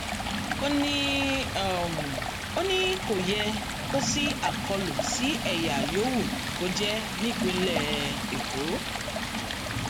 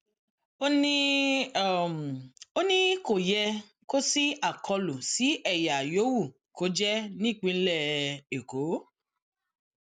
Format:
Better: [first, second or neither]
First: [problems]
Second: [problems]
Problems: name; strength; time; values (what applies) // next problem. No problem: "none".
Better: second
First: background sound (Stream); 1 dB below the speech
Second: none